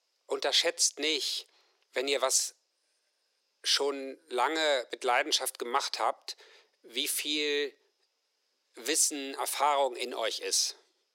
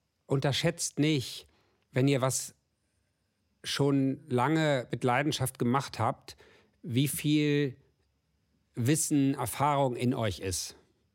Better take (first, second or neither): second